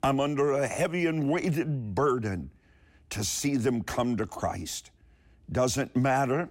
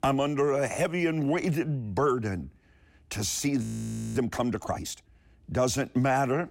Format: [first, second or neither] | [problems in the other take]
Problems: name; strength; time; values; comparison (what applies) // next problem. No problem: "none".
first | audio freezing; at 3.5 s for 0.5 s